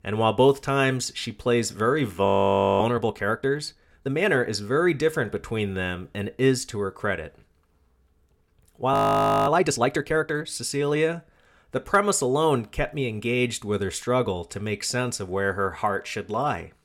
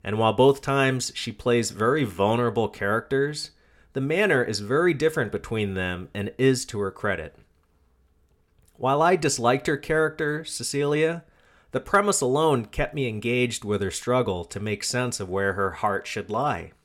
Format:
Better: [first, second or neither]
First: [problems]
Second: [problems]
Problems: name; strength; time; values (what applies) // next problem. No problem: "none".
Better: second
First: audio freezing; at 2.5 s for 0.5 s and at 9 s for 0.5 s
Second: none